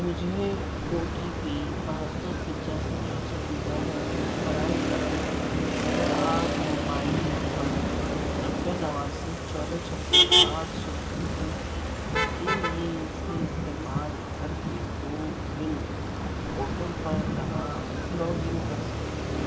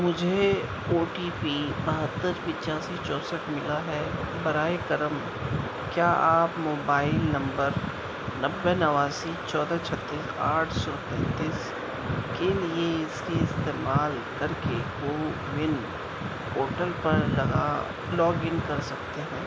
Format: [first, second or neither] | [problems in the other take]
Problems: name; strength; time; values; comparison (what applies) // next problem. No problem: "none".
second | background sound (Motor vehicle (road)); 5 dB above the speech // room echo; dies away in 2.4 s